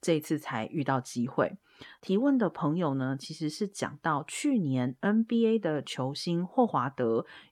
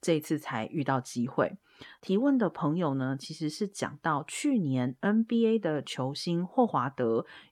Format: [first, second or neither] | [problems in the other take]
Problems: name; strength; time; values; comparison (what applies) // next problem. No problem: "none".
neither | none